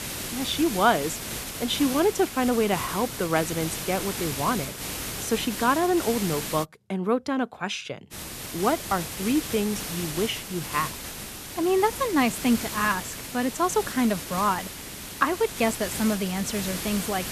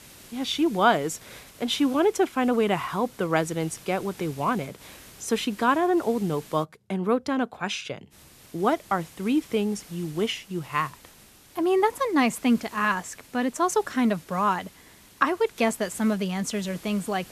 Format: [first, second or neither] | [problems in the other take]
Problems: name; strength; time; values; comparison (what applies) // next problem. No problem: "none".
second | hiss; loud; until 6.5 s and from 8 s on; 6 dB below the speech; faint in the second